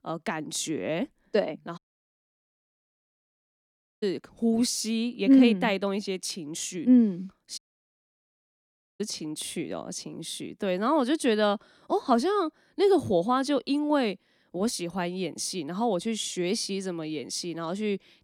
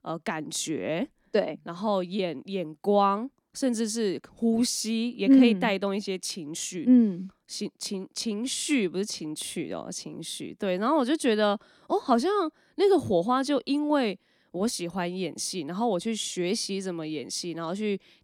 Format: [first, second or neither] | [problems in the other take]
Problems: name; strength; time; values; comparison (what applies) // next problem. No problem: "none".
second | audio cutting out; at 2 s for 2 s and at 7.5 s for 1.5 s